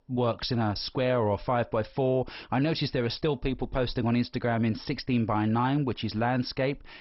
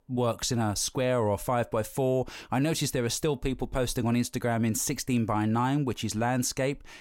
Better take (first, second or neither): second